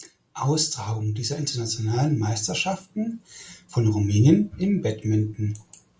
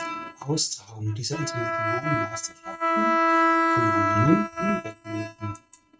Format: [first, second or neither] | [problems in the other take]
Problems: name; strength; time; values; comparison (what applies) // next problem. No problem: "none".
first | noise reduction (neural mask model RNNoise)